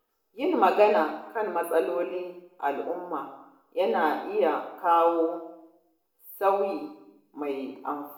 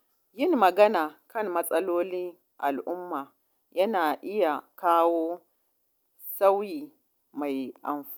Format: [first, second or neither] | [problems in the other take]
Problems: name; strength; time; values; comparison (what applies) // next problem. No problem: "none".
second | room echo; dies away in 0.8 s